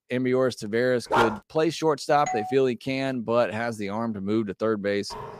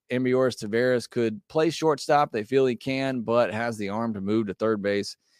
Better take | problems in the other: second | dog barking; loud; at 1 s; peak 1 dB above the speech // doorbell; noticeable; at 2.5 s; peak 6 dB below the speech // clattering dishes; very faint; at 5 s; peak 15 dB below the speech

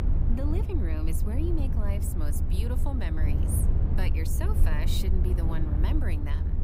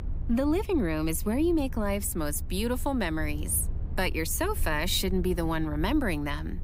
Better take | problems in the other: second | low rumble; loud; throughout; 3 dB below the speech; faint in the second

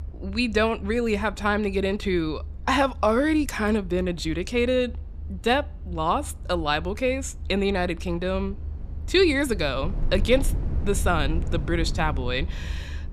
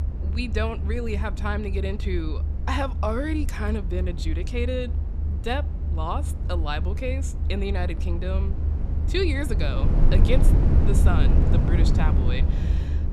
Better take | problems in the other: first | low rumble; loud; throughout; 7 dB below the speech; faint in the first

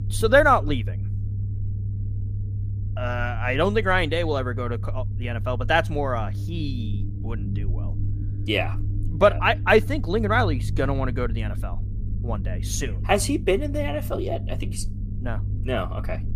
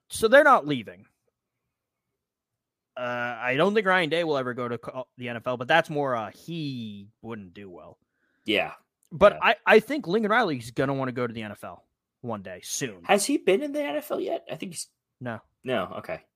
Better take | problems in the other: second | low rumble; faint; throughout; 20 dB below the speech

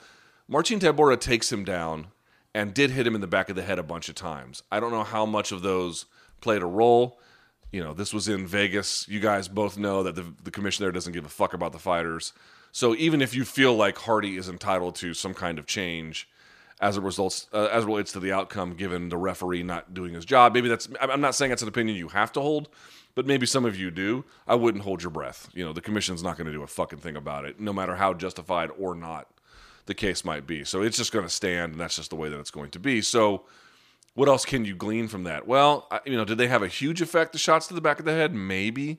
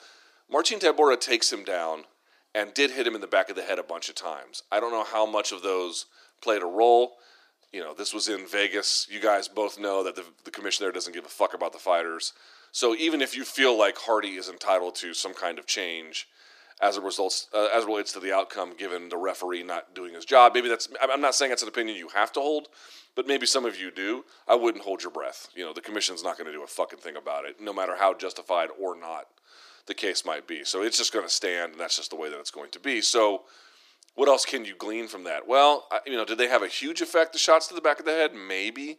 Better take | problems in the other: first | thin; somewhat; fading below 300 Hz

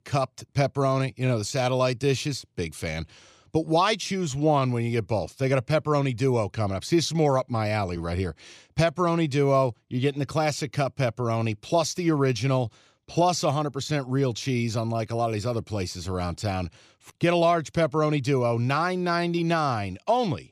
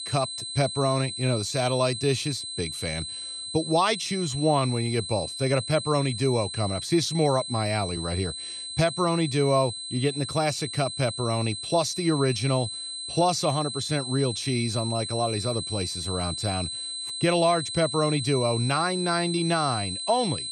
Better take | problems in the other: first | high-pitched whine; loud; throughout; 4 kHz, 6 dB below the speech

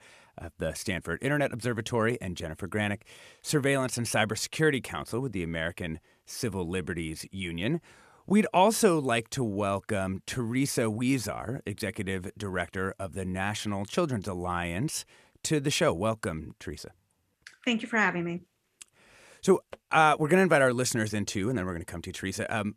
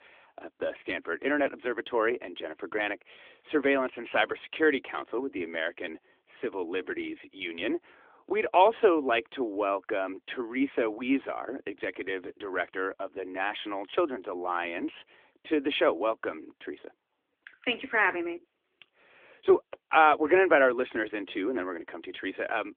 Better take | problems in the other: first | phone-call audio; nothing above 3.5 kHz

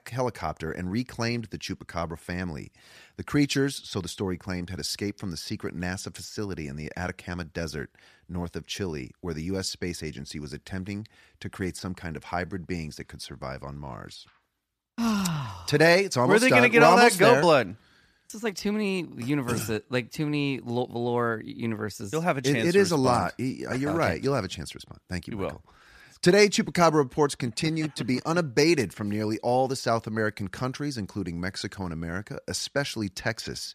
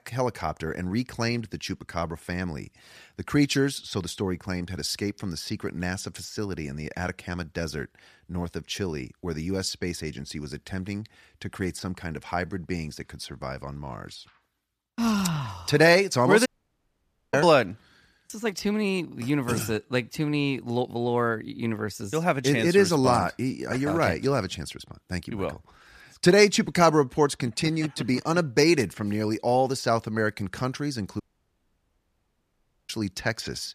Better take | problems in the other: first | audio cutting out; at 16 s for 1 s and at 31 s for 1.5 s

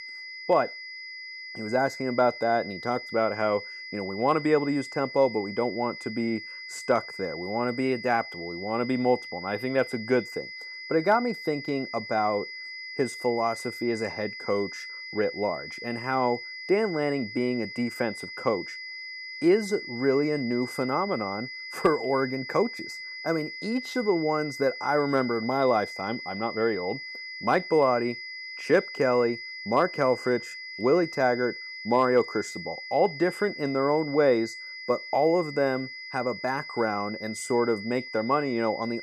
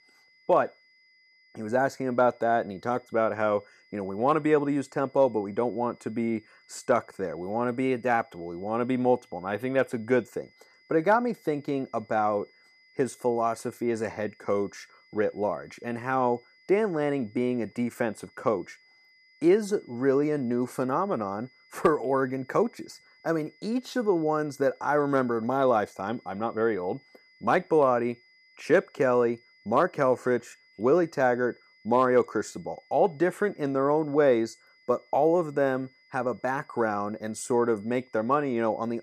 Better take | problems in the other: second | high-pitched whine; loud; throughout; 2 kHz, 10 dB below the speech; faint in the second

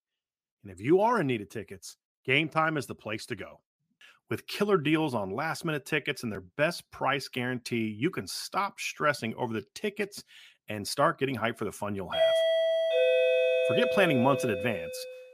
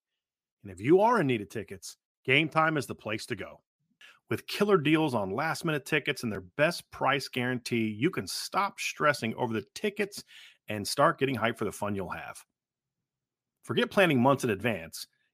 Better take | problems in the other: second | doorbell; loud; from 12 s on; peak 6 dB above the speech

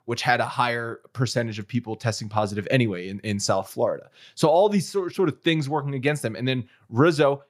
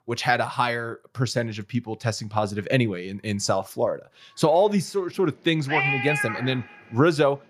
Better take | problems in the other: first | animal sounds; loud; throughout; 1 dB below the speech

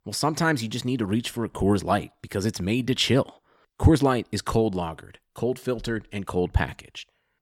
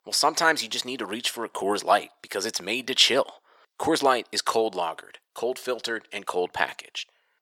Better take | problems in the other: first | thin; very; fading below 600 Hz

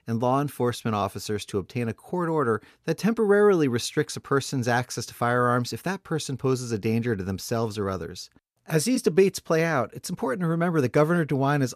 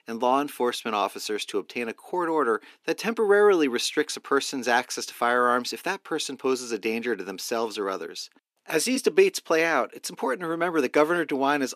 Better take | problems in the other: first | thin; somewhat; fading below 300 Hz

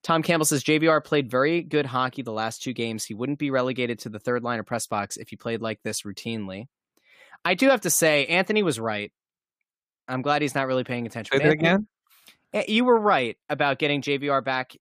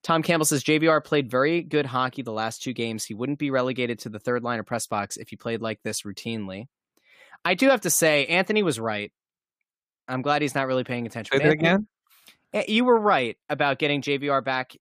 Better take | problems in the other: neither | none

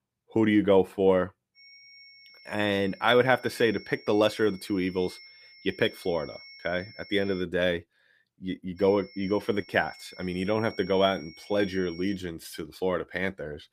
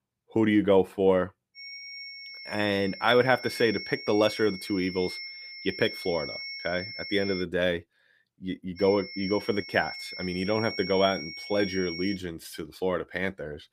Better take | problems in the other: first | high-pitched whine; loud; from 1.5 to 7.5 s and from 9 to 12 s; 2 kHz, 10 dB below the speech; faint in the first

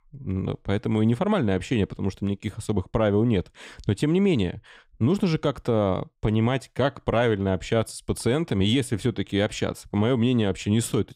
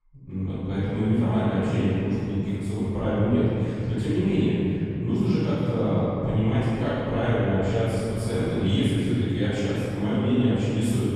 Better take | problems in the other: first | off-mic speech; far // room echo; strong; dies away in 3 s

